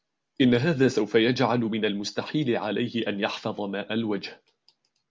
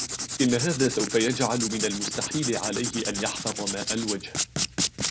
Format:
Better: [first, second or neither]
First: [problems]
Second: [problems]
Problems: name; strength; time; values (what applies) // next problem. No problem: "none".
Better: first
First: none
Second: background sound (Writing); 2 dB below the speech